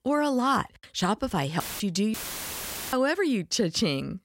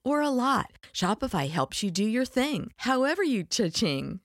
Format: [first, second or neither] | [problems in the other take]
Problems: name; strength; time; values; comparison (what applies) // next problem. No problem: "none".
second | audio cutting out; filled with static; at 1.5 s and at 2 s for 1 s